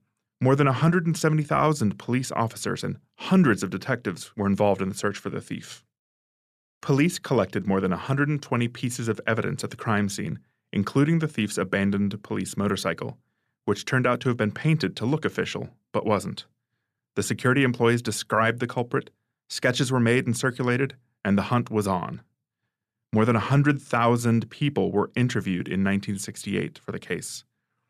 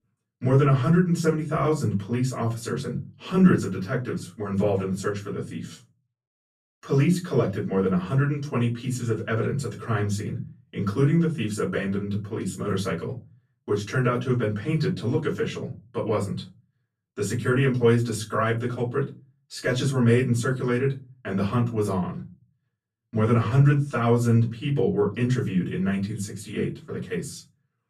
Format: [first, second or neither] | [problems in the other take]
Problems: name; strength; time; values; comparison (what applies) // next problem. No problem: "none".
first | off-mic speech; far // room echo; very slight; dies away in 0.3 s